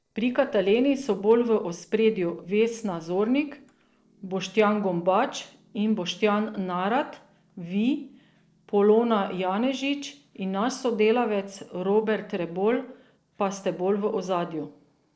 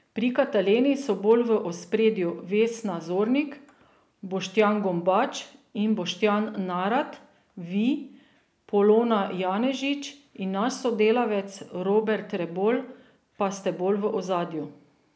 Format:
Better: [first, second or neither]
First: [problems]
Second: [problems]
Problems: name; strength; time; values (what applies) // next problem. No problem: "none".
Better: second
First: noise reduction (neural separator model SepFormer DNS4)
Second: none